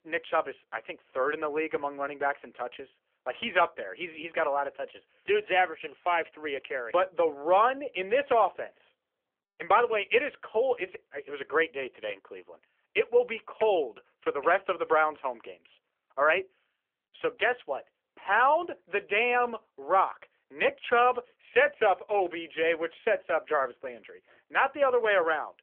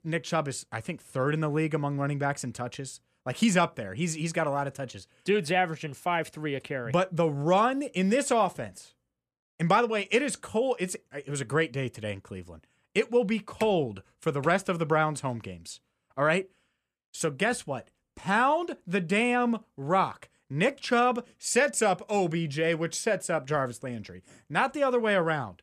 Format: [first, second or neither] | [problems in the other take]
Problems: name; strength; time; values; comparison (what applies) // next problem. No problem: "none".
second | phone-call audio; nothing above 3 kHz